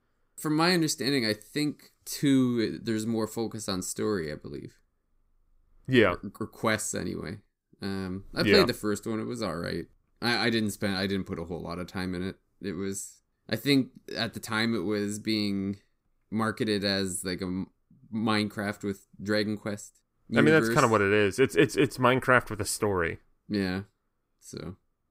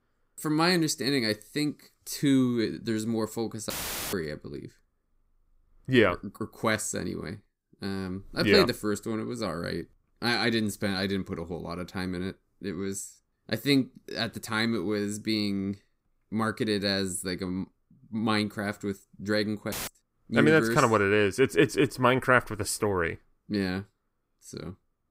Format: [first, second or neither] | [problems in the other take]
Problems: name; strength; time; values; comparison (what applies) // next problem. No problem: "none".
first | audio cutting out; filled with static; at 3.5 s and at 20 s